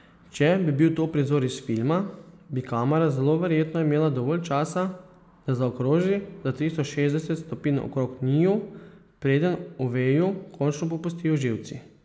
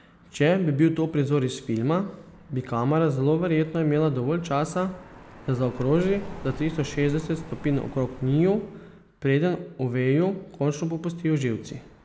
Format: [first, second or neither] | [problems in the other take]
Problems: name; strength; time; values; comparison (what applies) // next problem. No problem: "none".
first | background sound (Car passing by); 19 dB below the speech